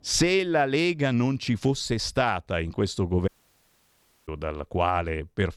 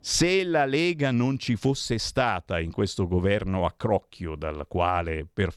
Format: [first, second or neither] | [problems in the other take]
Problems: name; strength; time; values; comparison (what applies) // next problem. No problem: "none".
second | audio cutting out; at 3.5 s for 1 s